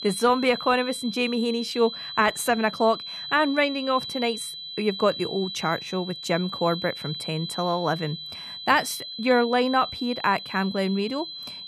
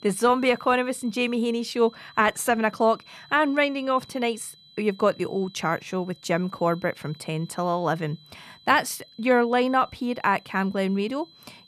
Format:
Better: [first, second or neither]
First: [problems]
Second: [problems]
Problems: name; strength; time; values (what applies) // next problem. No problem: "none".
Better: second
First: high-pitched whine; loud; throughout; 4 kHz, 9 dB below the speech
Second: high-pitched whine; faint; throughout; 4 kHz, 25 dB below the speech